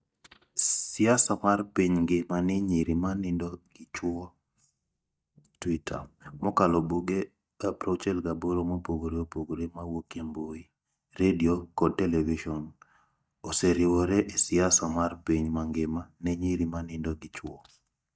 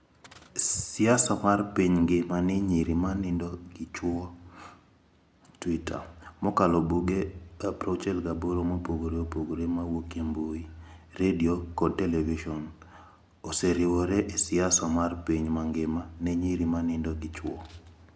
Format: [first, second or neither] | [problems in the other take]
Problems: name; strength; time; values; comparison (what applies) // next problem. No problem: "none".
second | noise reduction (neural mask model DeepFilterNet 3)